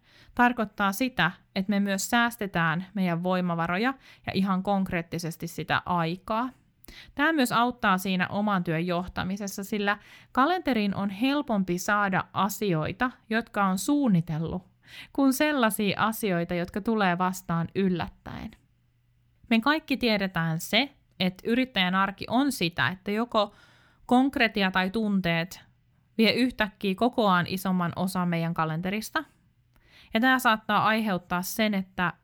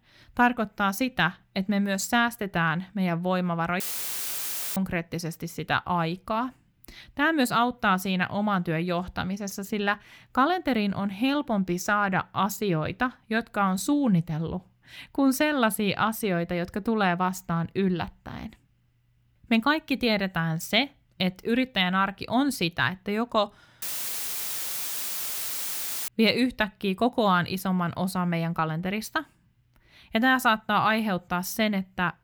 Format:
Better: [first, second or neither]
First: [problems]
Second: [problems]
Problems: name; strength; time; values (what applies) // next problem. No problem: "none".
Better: first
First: none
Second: audio cutting out; filled with static; at 4 s for 1 s and at 24 s for 2.5 s